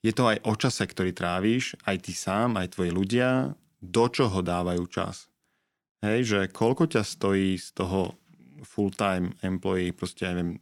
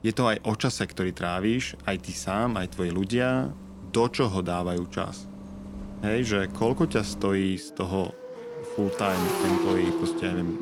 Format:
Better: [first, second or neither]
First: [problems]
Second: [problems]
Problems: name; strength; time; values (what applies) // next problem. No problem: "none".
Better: first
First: none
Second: traffic noise; loud; throughout; 6 dB below the speech